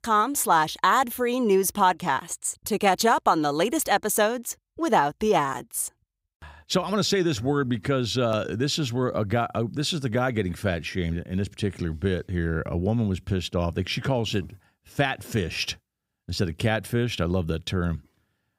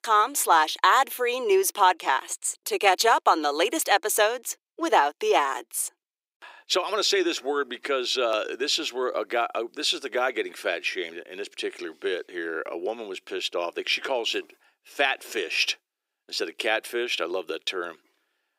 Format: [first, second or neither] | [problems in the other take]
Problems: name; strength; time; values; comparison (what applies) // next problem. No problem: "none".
first | thin; very; fading below 350 Hz